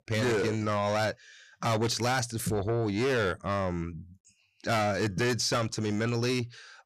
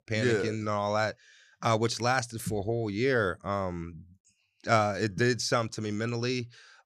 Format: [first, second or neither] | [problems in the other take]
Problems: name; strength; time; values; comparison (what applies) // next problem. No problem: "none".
second | distortion; heavy; 7 dB below the speech